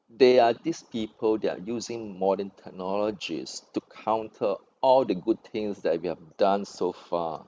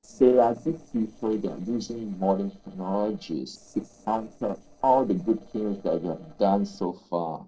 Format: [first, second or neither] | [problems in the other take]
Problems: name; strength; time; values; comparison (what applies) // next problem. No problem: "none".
first | noise reduction (neural separator model SepFormer DNS4)